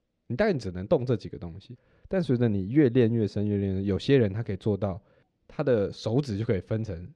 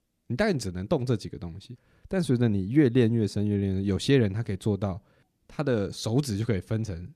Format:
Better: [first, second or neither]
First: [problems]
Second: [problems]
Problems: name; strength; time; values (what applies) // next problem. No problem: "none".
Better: second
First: muffled; slightly; fading above 4 kHz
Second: none